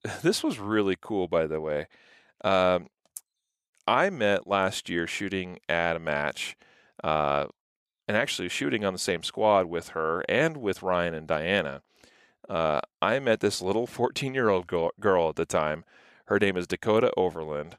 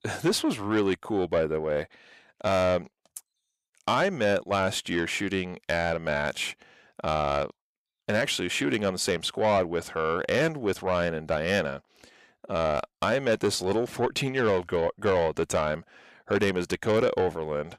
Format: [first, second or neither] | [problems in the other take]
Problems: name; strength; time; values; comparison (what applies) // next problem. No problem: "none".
first | distortion; slight; 10 dB below the speech